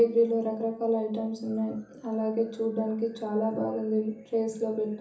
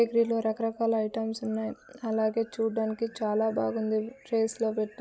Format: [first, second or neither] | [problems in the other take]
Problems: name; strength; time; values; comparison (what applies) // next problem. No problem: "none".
second | room echo; dies away in 0.7 s